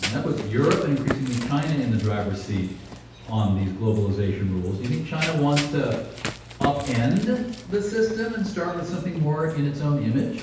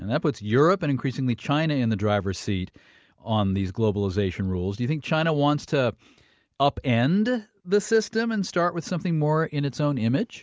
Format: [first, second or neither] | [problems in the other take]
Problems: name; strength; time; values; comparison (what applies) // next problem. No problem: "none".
second | background sound (Run); 11 dB below the speech // room echo; dies away in 0.9 s